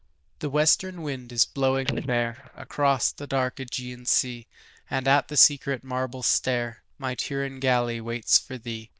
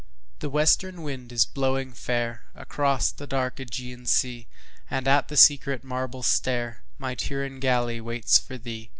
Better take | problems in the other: second | noise reduction (neural diffusion model UNIVERSE++)

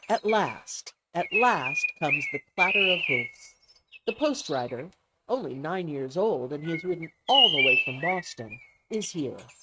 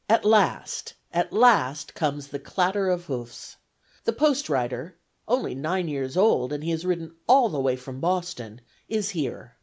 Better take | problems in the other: second | noise reduction (neural mask model RNNoise)

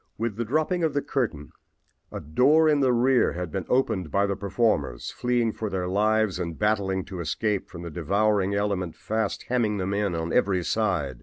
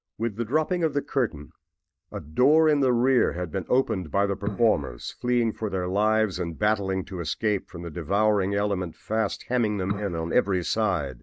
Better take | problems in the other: first | noise reduction (neural mask model DeepFilterNet 3)

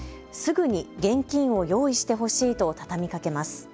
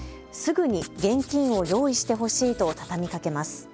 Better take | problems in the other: first | background sound (Writing); 17 dB below the speech

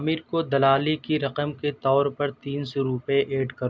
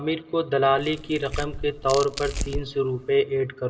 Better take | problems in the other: first | background sound (Tearing); 8 dB below the speech // room echo; dies away in 2.2 s

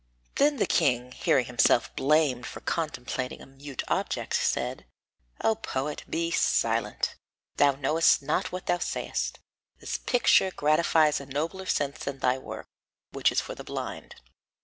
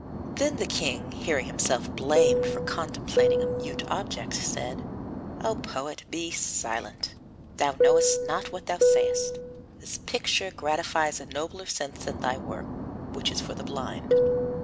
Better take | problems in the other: first | background sound (Fixed-wing aircraft, airplane); 2 dB above the speech

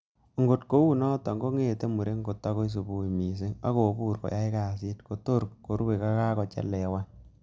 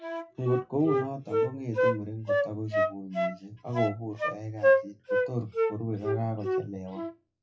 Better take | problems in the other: first | noise reduction (classical method WPE with log-MMSE)

